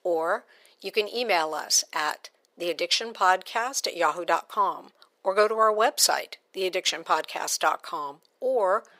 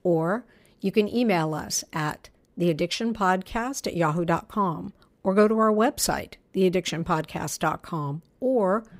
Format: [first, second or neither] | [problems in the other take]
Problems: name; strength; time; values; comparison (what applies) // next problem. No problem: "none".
second | thin; very; fading below 500 Hz